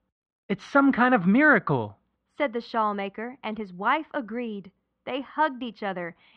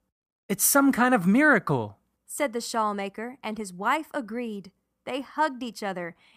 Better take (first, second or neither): second